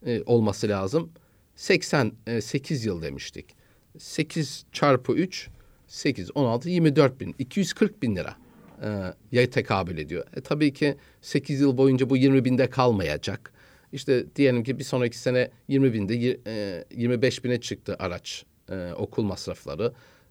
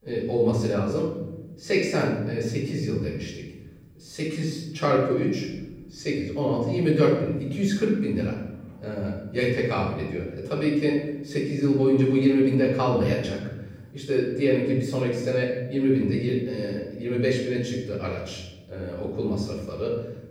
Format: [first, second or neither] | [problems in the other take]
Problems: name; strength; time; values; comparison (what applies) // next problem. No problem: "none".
first | off-mic speech; far // room echo; noticeable; dies away in 1.1 s